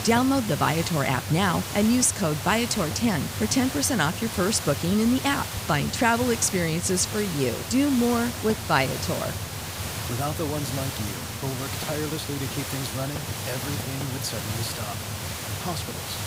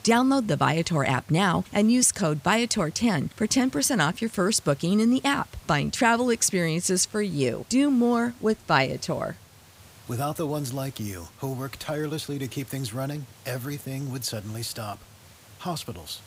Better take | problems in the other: second | hiss; loud; throughout; 6 dB below the speech; faint in the second

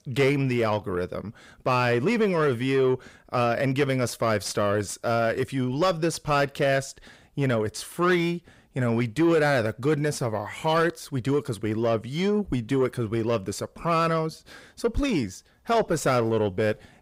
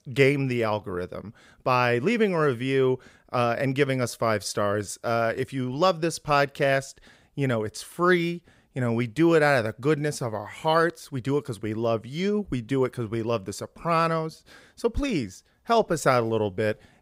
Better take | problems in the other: second | distortion; slight; 10 dB below the speech

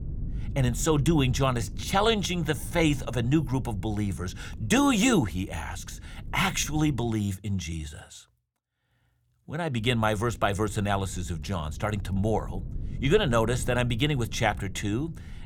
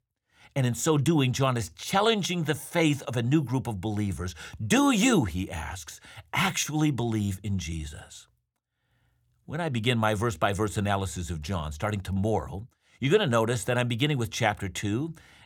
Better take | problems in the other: second | wind noise on the microphone; occasional gusts; until 7 s and from 10 s on; 25 dB below the speech

